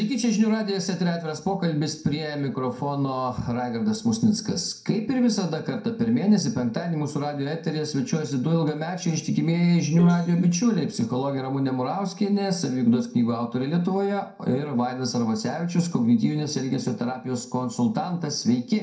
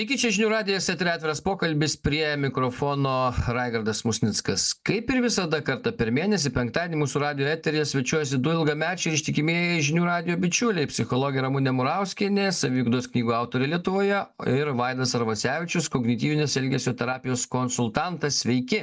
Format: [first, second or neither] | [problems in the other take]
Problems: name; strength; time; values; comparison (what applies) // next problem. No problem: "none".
second | noise reduction (neural separator model SepFormer DNS4)